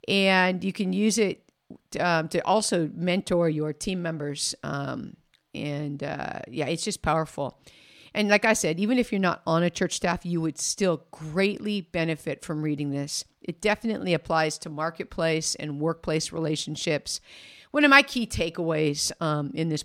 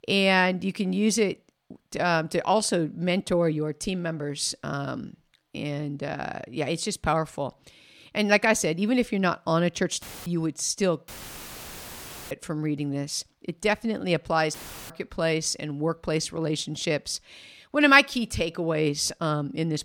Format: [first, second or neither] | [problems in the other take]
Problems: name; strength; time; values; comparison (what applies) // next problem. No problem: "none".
first | audio cutting out; filled with static; at 10 s, at 11 s for 1 s and at 15 s